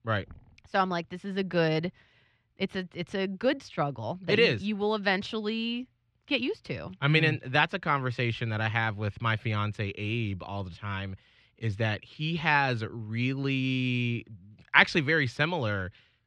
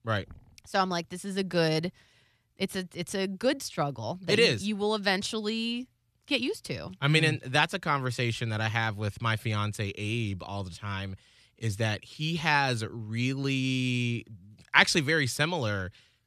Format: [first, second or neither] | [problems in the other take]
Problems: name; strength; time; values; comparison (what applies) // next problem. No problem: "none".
second | muffled; slightly; fading above 2.5 kHz